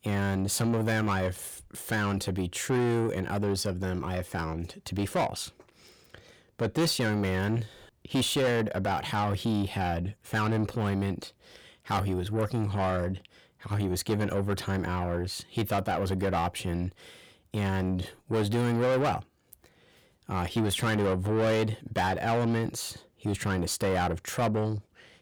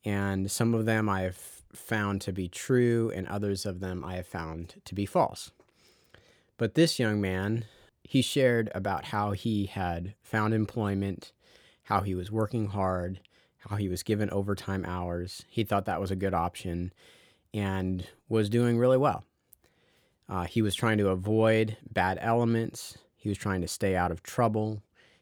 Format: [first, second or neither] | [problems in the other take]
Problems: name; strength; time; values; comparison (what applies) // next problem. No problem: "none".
second | distortion; heavy; 8 dB below the speech